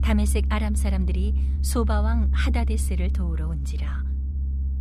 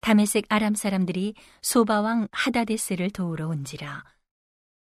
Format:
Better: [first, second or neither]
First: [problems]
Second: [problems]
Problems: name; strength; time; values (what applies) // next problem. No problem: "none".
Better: second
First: low rumble; noticeable; throughout; 10 dB below the speech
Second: none